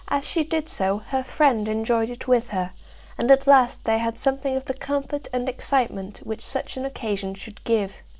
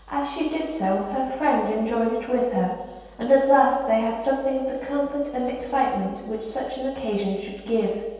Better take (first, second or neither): first